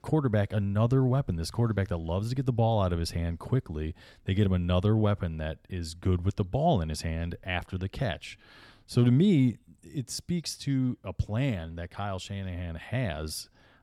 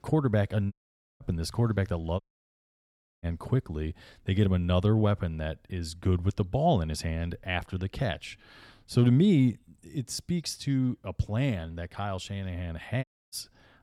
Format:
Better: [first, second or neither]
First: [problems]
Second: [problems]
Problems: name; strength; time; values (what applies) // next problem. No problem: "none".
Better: first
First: none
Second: audio cutting out; at 0.5 s, at 2 s for 1 s and at 13 s